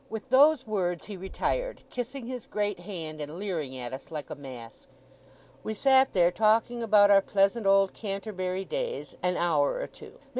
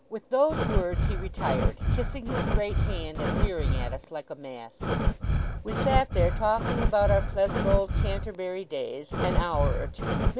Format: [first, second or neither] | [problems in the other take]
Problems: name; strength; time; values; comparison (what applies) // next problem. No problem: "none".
first | background sound (Breathing); 3 dB above the speech